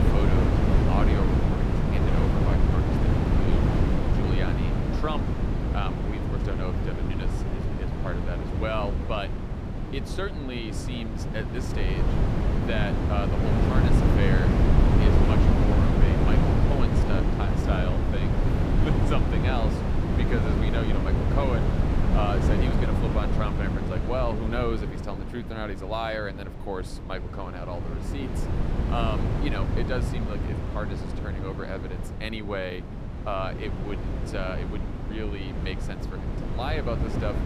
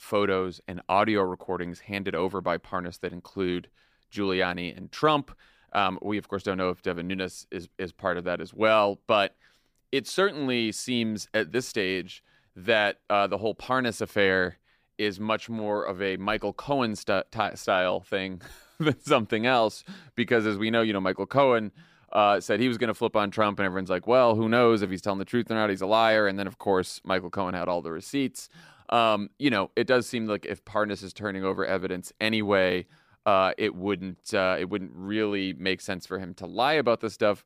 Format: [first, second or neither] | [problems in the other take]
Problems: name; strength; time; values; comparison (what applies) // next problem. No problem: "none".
second | wind noise on the microphone; heavy; 1 dB above the speech